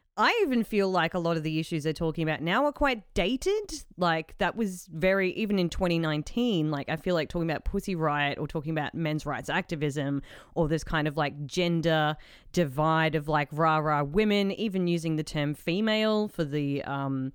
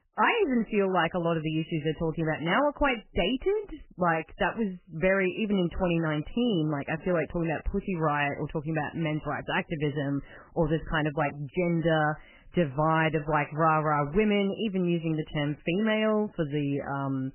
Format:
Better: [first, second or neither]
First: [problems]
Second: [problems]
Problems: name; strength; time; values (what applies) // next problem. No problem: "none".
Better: first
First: none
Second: garbled, watery; badly; nothing above 3 kHz